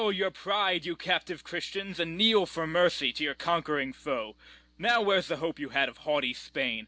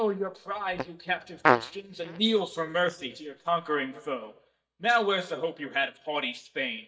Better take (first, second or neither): first